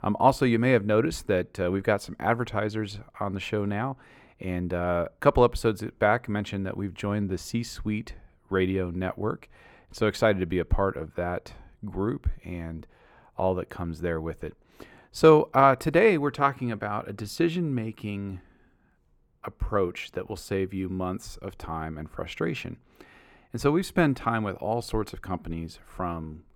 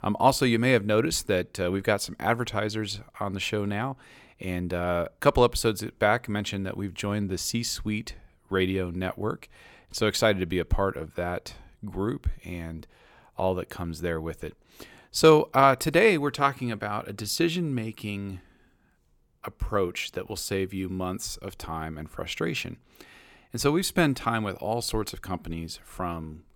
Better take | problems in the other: second | muffled; slightly; fading above 2.5 kHz

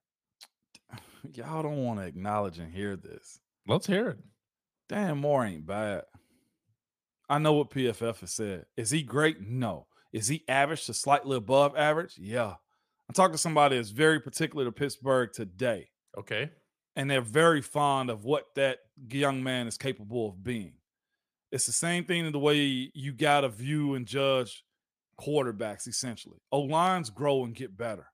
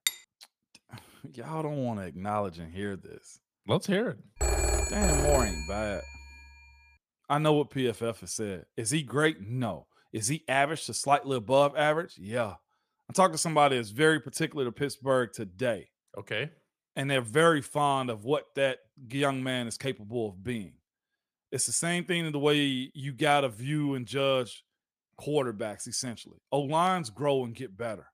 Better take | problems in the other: first | clattering dishes; very faint; at the start; peak 2 dB below the speech // phone ringing; loud; from 4.5 to 6 s; peak 3 dB above the speech

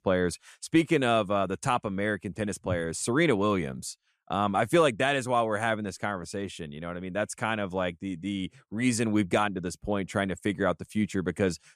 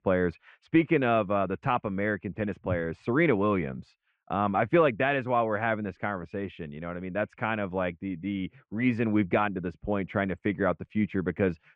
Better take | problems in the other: first | muffled; very; fading above 2.5 kHz

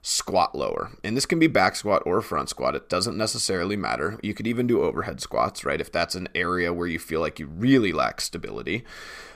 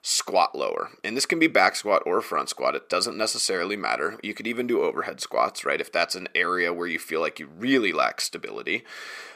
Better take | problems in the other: first | thin; very slightly; fading below 350 Hz

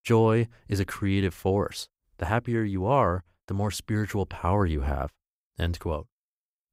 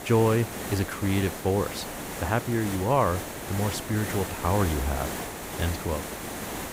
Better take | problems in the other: first | hiss; loud; throughout; 6 dB below the speech

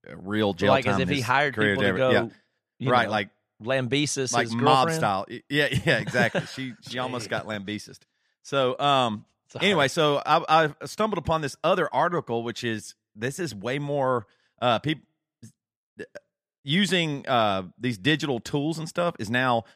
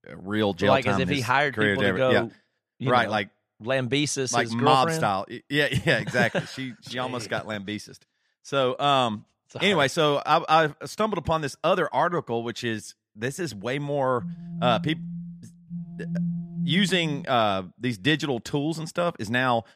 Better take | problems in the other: first | phone ringing; noticeable; from 14 to 17 s; peak 5 dB below the speech

